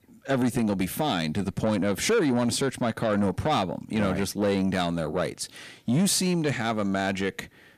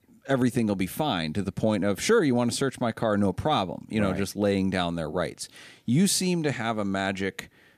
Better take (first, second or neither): second